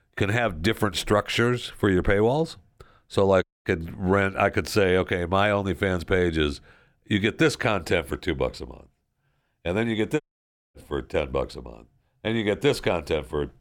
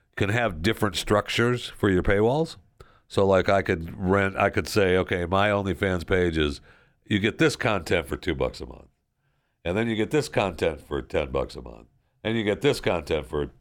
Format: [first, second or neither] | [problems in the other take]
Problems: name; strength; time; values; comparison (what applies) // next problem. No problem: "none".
second | audio cutting out; at 3.5 s and at 10 s for 0.5 s